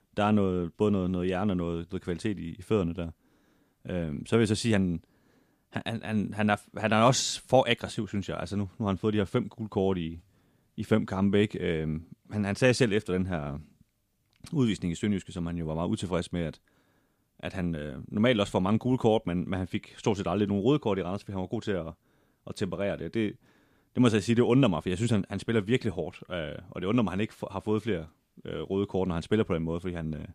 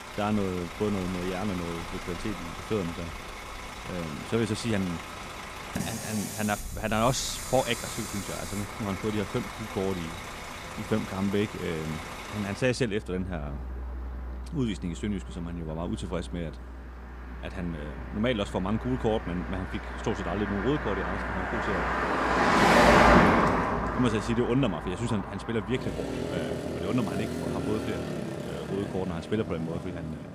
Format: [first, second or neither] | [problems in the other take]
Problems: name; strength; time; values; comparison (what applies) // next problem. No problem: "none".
first | traffic noise; very loud; throughout; 1 dB above the speech